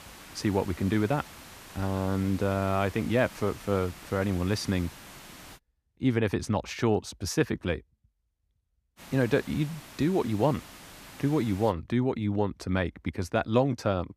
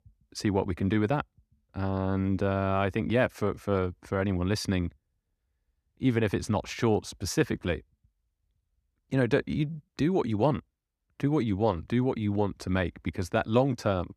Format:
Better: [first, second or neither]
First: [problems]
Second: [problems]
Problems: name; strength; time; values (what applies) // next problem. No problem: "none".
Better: second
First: hiss; noticeable; until 5.5 s and from 9 to 12 s; 15 dB below the speech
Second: none